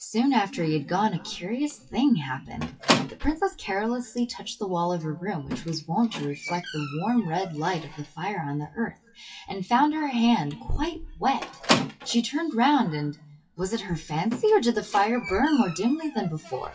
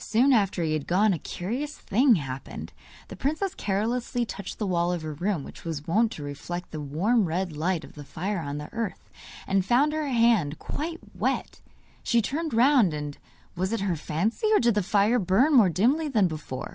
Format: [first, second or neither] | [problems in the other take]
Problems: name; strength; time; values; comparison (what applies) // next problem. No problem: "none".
second | noise reduction (classical method WPE with log-MMSE)